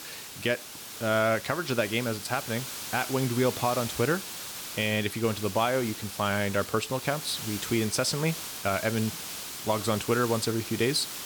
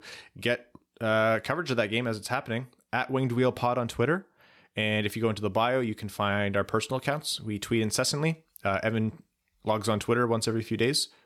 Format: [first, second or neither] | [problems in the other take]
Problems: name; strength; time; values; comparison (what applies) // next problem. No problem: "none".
second | hiss; loud; throughout; 8 dB below the speech